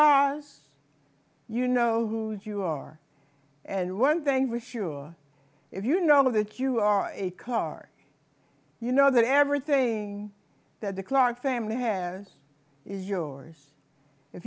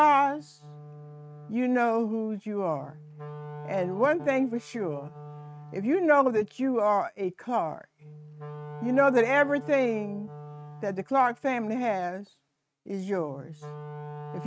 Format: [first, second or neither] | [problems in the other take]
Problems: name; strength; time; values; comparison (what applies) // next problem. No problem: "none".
first | noise reduction (neural mask model RNNoise)